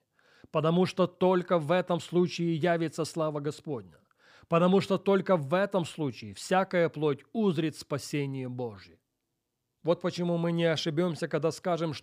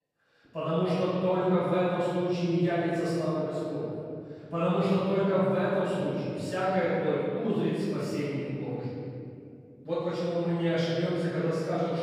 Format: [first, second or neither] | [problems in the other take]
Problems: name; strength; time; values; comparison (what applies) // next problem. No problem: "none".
first | off-mic speech; far // room echo; strong; dies away in 2.7 s